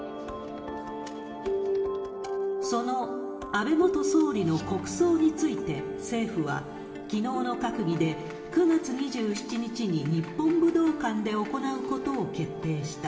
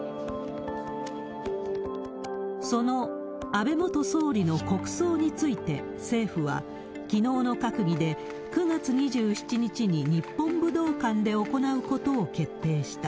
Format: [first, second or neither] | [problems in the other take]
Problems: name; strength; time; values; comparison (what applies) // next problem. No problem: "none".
second | room echo; dies away in 1.6 s